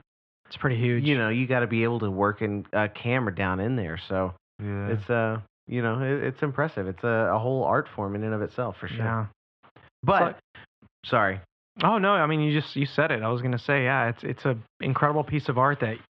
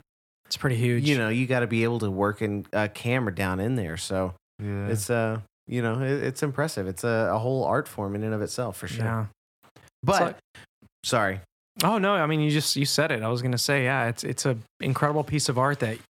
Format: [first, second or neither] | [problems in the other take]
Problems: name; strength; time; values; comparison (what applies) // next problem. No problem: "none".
second | muffled; very; fading above 3.5 kHz